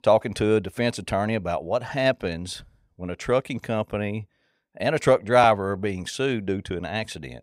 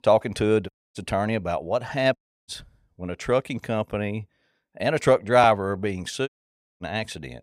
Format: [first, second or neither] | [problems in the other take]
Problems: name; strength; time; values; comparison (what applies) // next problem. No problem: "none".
first | audio cutting out; at 0.5 s, at 2 s and at 6.5 s for 0.5 s